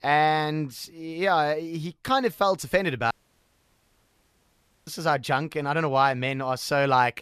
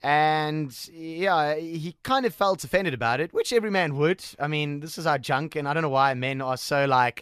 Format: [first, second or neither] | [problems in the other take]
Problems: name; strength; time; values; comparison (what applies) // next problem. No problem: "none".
second | audio cutting out; at 3 s for 2 s